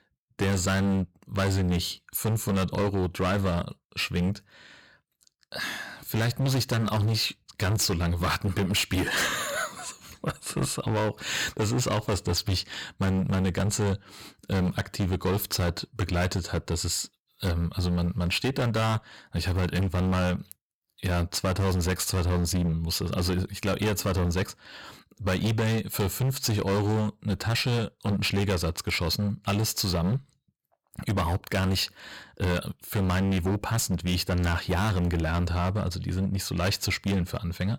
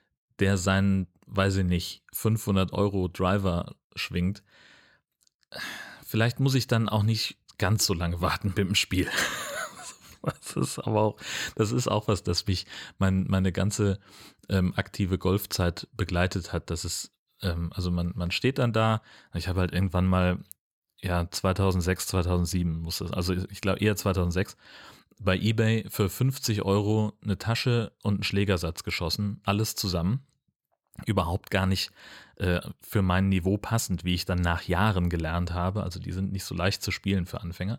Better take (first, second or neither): second